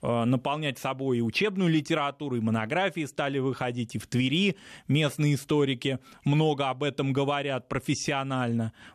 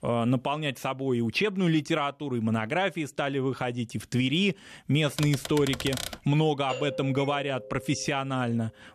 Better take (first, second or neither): first